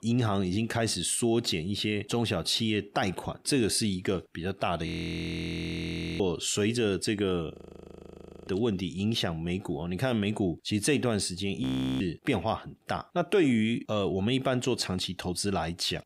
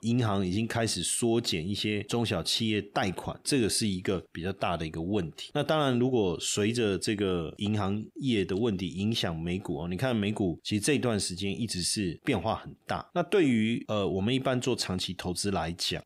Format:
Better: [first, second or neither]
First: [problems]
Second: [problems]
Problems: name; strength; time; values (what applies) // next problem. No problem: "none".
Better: second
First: audio freezing; at 5 s for 1.5 s, at 7.5 s for 1 s and at 12 s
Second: none